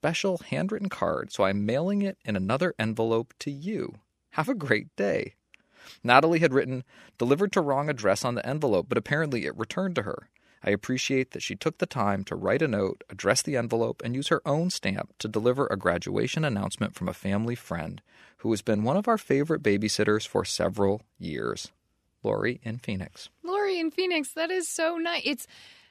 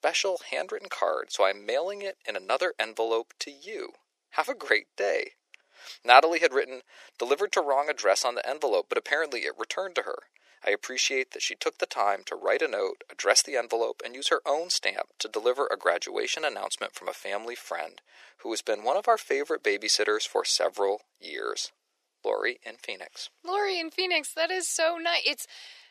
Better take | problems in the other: first | thin; very; fading below 400 Hz

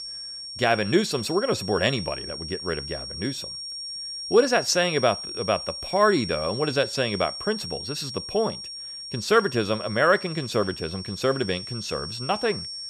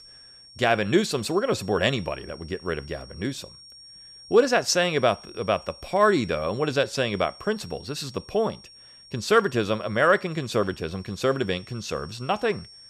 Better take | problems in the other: second | high-pitched whine; loud; throughout; 5.5 kHz, 8 dB below the speech; faint in the second

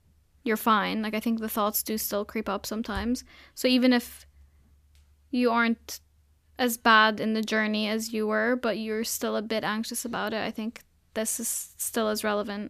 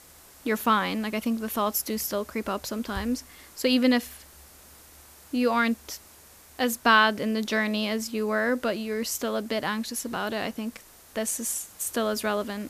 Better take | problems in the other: first | hiss; faint; throughout; 25 dB below the speech

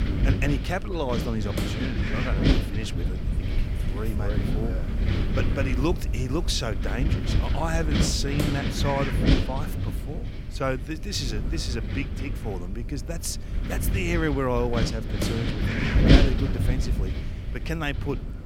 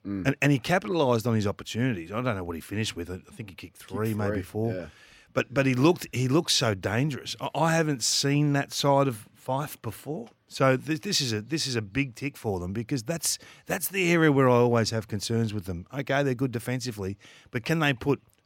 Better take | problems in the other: second | wind noise on the microphone; heavy; 2 dB below the speech

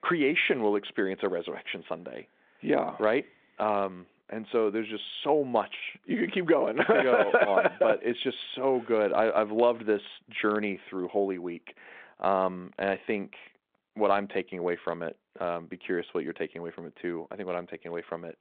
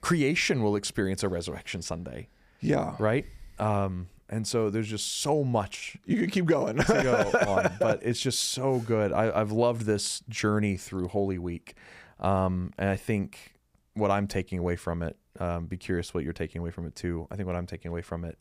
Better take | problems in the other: second | phone-call audio

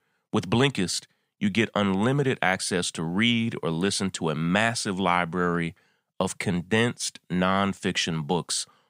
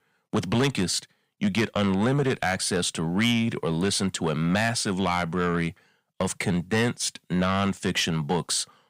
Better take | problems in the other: first | distortion; slight; 10 dB below the speech

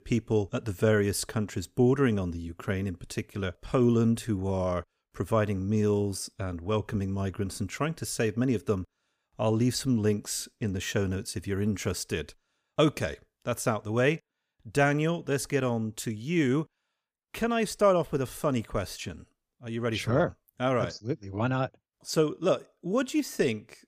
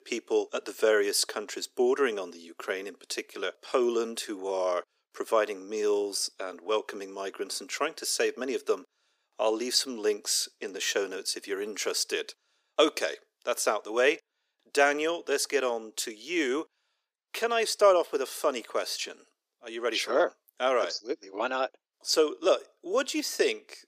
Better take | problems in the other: first | thin; very; fading below 350 Hz

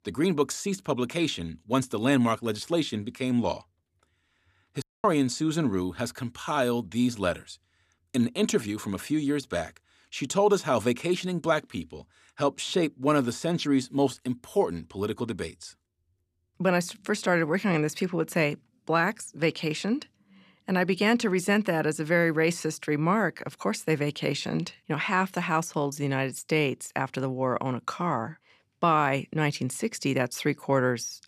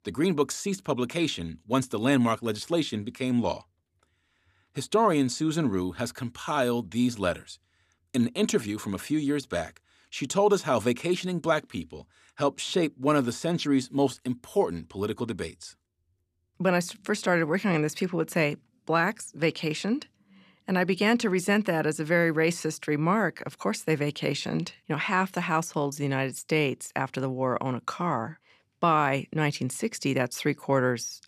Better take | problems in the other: second | audio cutting out; at 5 s

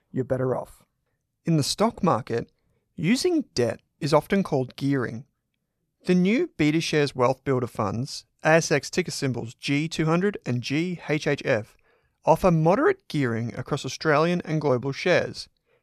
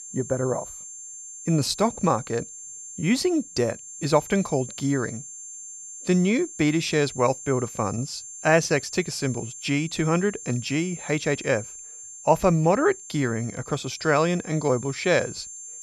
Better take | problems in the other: first | high-pitched whine; noticeable; throughout; 7.5 kHz, 15 dB below the speech

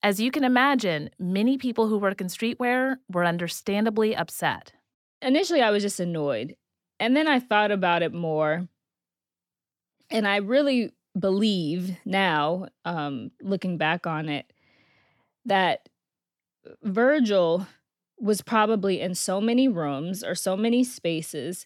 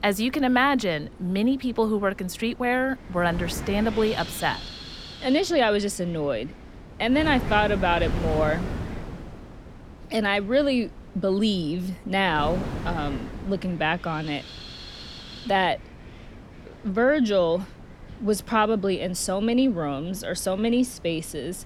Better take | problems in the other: first | wind noise on the microphone; occasional gusts; 15 dB below the speech

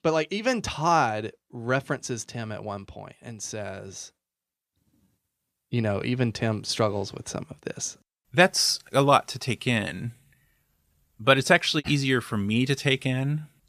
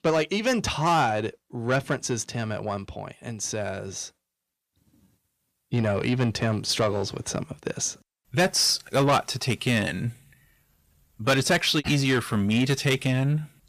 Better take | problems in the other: first | distortion; heavy; 8 dB below the speech

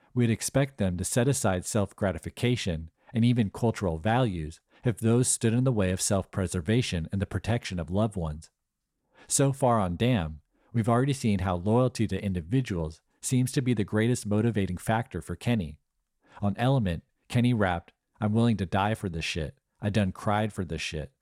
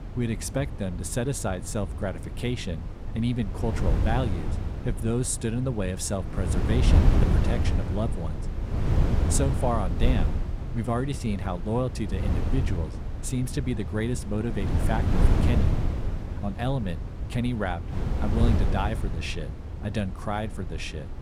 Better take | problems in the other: first | wind noise on the microphone; heavy; 6 dB below the speech

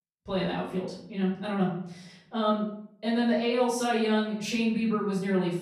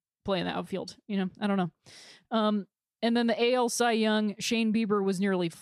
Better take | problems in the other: second | off-mic speech; far // room echo; noticeable; dies away in 0.7 s

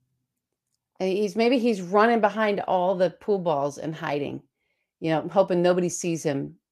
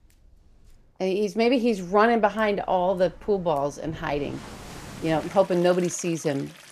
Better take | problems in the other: first | rain or running water; noticeable; throughout; 20 dB below the speech

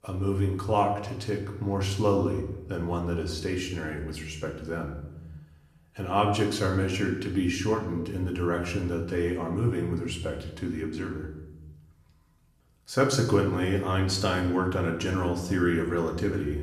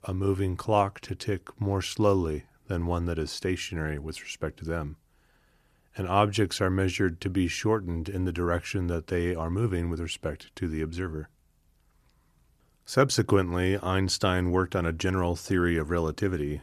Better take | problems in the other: second | room echo; slight; dies away in 0.8 s // off-mic speech; somewhat distant

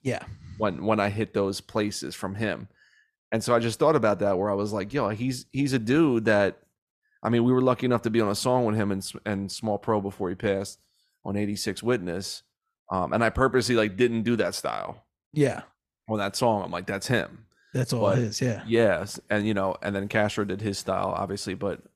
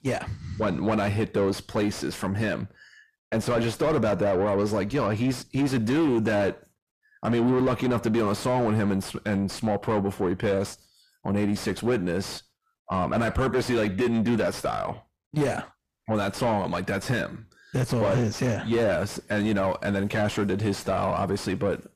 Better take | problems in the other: first | distortion; heavy; 6 dB below the speech

